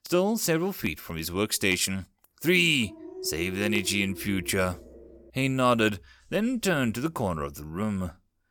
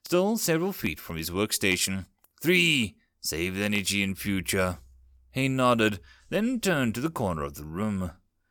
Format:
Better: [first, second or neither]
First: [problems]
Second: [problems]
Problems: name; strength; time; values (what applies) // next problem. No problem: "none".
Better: second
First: dog barking; noticeable; from 3 to 5 s; peak 8 dB below the speech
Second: none